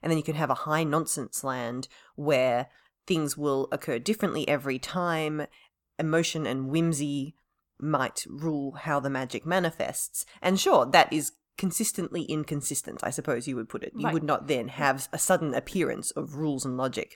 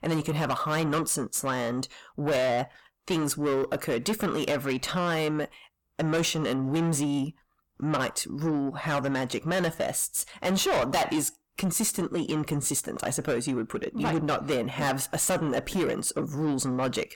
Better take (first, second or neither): first